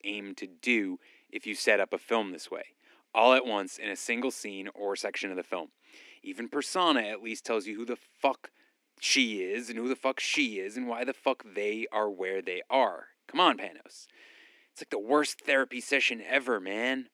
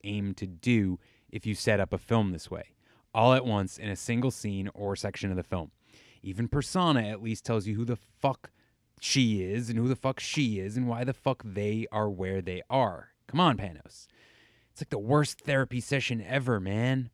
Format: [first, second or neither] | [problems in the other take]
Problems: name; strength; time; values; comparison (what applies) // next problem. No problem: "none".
second | thin; somewhat; fading below 250 Hz